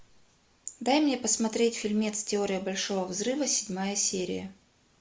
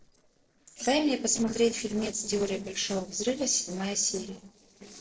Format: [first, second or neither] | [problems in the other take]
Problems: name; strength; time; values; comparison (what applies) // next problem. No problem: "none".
first | noise reduction (neural separator model SepFormer DNS4)